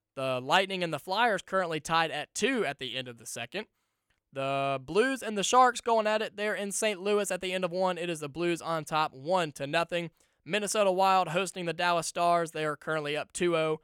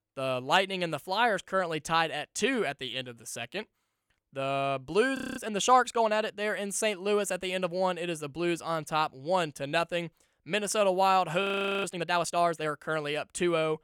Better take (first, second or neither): first